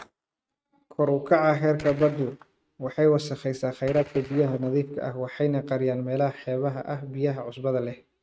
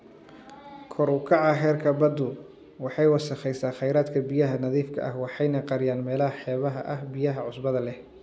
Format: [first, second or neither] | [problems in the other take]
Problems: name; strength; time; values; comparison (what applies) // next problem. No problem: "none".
second | noise reduction (neural mask model RNNoise)